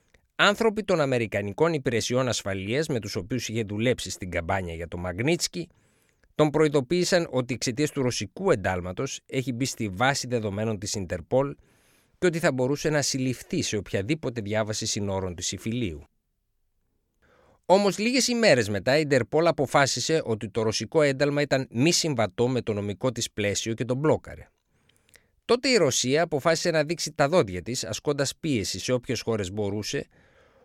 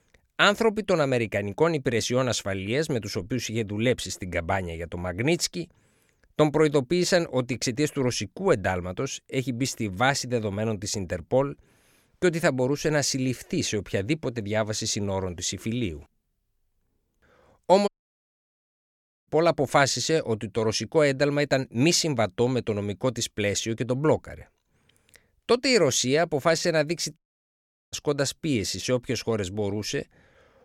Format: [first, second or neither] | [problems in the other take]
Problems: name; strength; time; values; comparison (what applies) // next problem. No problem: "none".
first | audio cutting out; at 18 s for 1.5 s and at 27 s for 0.5 s